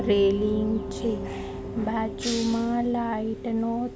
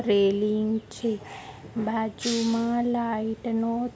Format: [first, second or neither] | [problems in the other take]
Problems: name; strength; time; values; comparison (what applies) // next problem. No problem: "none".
second | background sound (Gong + Mallet percussion); 8 dB below the speech